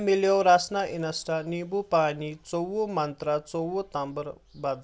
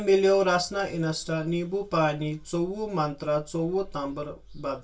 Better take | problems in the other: first | room echo; dies away in 0.2 s

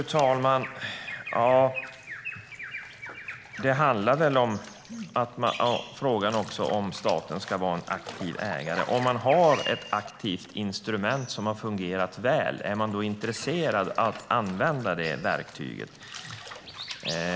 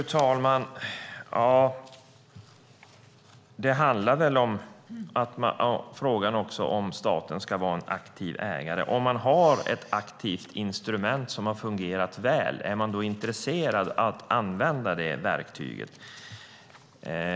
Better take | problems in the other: second | background sound (Bathtub (filling or washing) + Bird vocalization, bird call, bird song); 14 dB below the speech

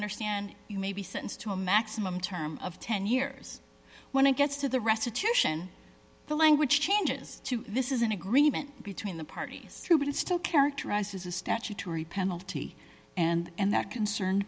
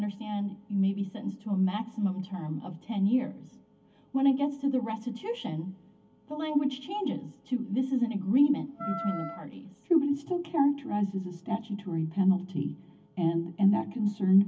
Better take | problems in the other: first | background sound (Wind instrument, woodwind instrument); 10 dB below the speech // room echo; dies away in 0.3 s

